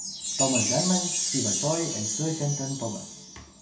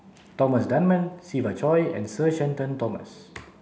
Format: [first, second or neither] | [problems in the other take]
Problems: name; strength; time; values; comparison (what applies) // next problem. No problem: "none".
second | background sound (Chime); as loud as the speech // room echo; dies away in 0.2 s